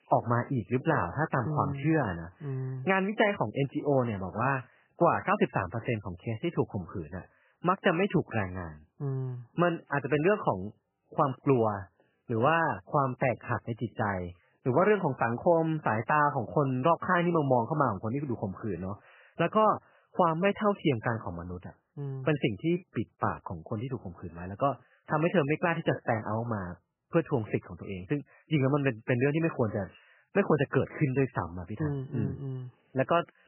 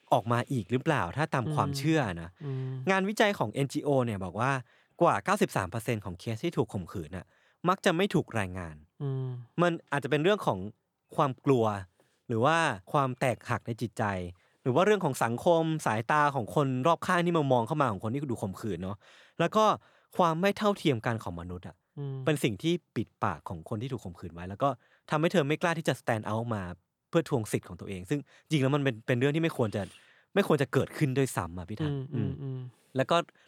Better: second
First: garbled, watery; badly; nothing above 3 kHz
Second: none

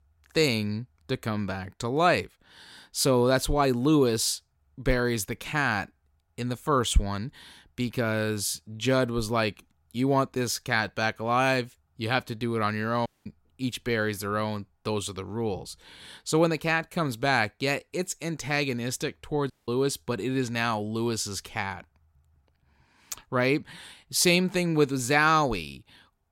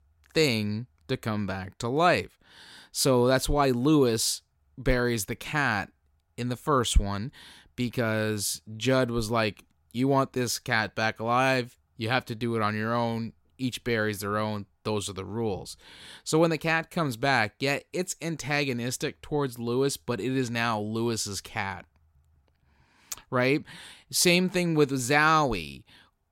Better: second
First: audio cutting out; at 13 s and at 20 s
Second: none

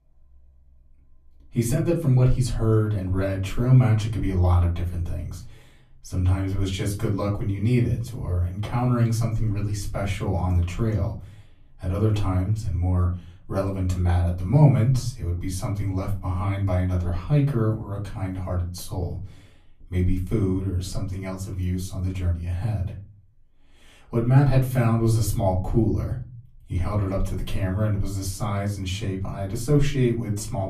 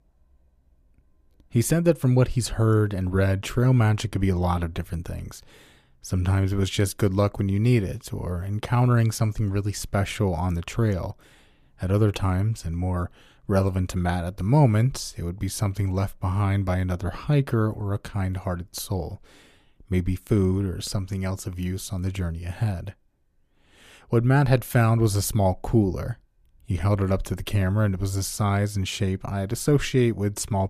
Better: second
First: off-mic speech; far // room echo; very slight; dies away in 0.4 s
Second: none

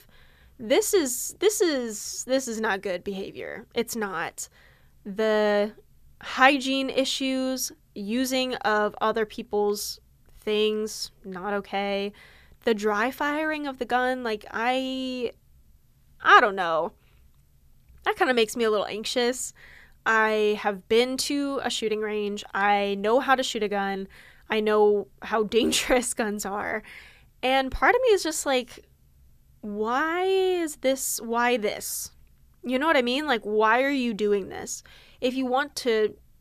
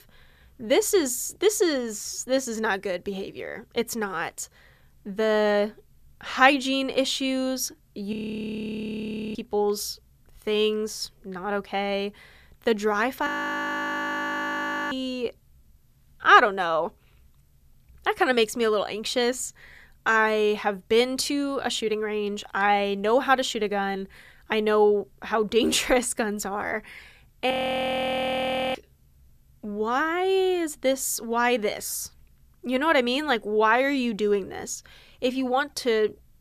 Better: first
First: none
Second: audio freezing; at 8 s for 1 s, at 13 s for 1.5 s and at 28 s for 1 s

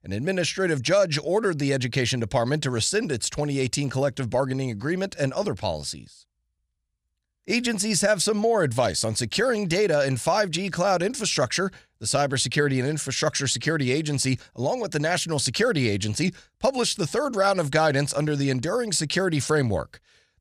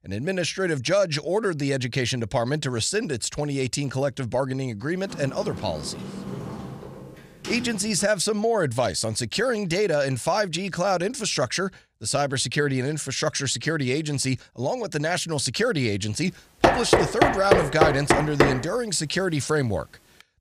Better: first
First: none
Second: door banging; noticeable; from 5 to 8 s; peak 9 dB below the speech // door banging; loud; from 17 to 19 s; peak 5 dB above the speech

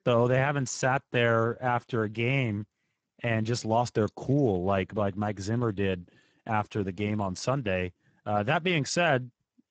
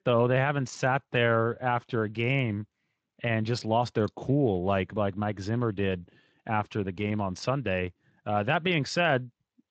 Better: second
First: garbled, watery; badly; nothing above 7.5 kHz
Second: garbled, watery; slightly; nothing above 7.5 kHz

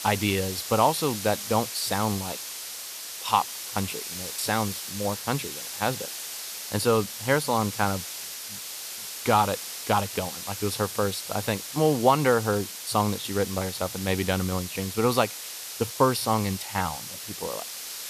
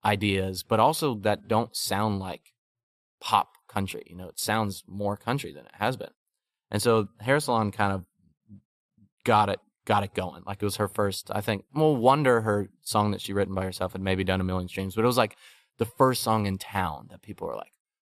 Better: second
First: hiss; loud; throughout; 7 dB below the speech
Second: none

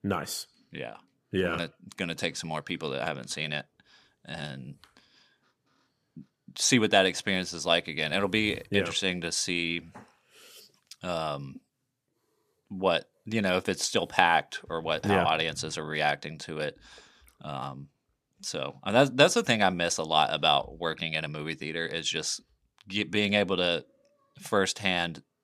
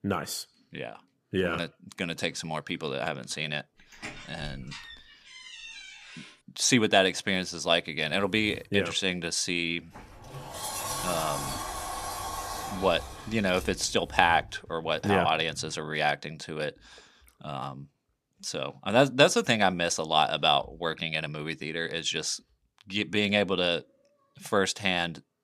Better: first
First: none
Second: door banging; faint; from 4 to 6.5 s; peak 15 dB below the speech // door banging; noticeable; from 10 to 15 s; peak 4 dB below the speech

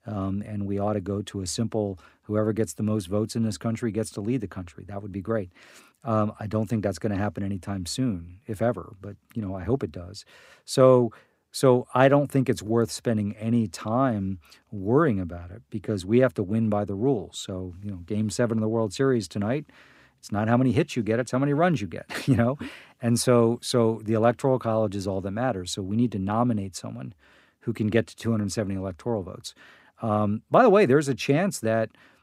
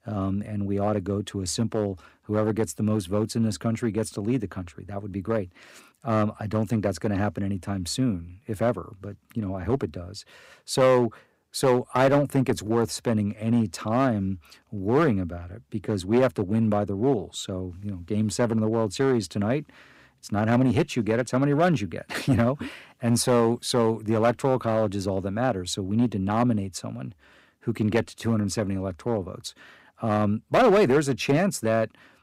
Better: first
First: none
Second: distortion; slight; 3% of the sound clipped

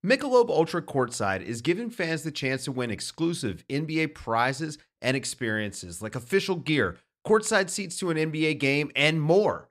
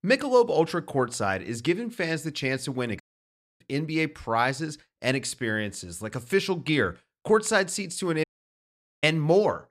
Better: first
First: none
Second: audio cutting out; at 3 s for 0.5 s and at 8 s for 1 s

